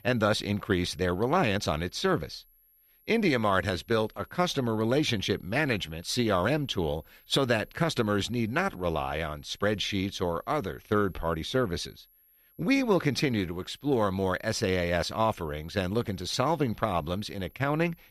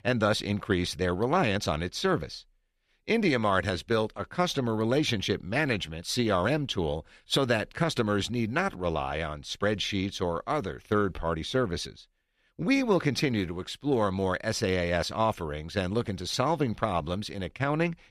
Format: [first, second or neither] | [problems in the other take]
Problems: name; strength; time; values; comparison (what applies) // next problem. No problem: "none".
second | high-pitched whine; faint; throughout; 11.5 kHz, 30 dB below the speech